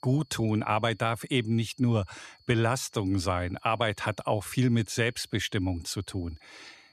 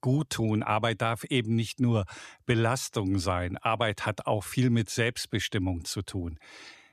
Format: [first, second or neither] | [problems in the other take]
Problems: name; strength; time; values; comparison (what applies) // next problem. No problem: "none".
second | high-pitched whine; faint; throughout; 4.5 kHz, 30 dB below the speech